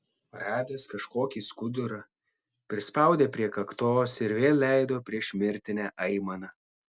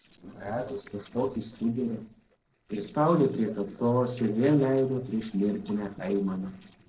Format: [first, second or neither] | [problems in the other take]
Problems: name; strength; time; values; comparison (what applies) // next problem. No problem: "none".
first | noise reduction (neural separator model SepFormer DNS4)